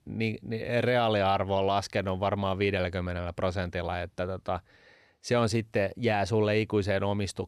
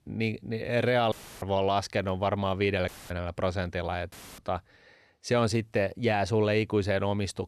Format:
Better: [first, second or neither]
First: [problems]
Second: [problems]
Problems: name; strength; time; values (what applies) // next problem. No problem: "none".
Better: first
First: none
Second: audio cutting out; filled with static; at 1 s, at 3 s and at 4 s